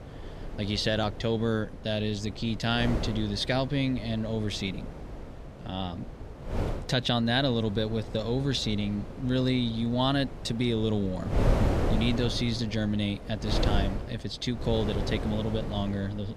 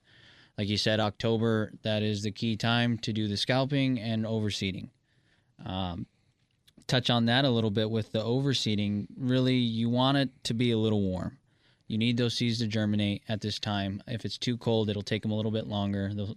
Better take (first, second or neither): second